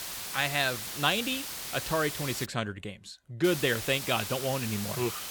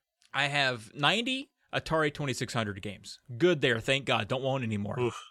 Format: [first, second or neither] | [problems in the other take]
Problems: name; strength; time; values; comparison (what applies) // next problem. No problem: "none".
second | hiss; loud; until 2.5 s and from 3.5 s on; 5 dB below the speech